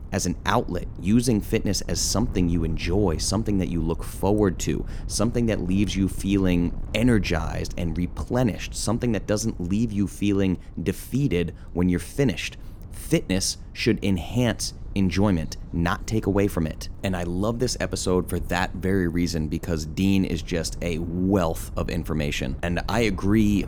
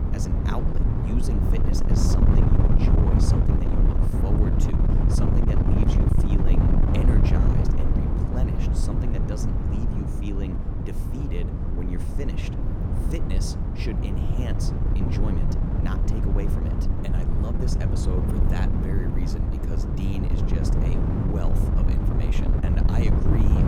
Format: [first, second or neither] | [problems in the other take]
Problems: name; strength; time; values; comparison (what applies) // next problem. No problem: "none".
first | wind noise on the microphone; heavy; 4 dB above the speech; occasional gusts in the first